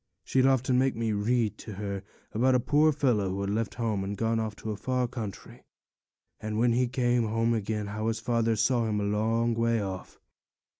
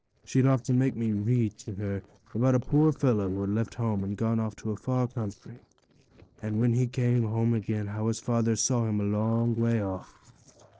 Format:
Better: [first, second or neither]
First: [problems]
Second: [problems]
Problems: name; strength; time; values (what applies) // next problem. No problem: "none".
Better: first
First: none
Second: noise reduction (neural separator model SepFormer DNS4)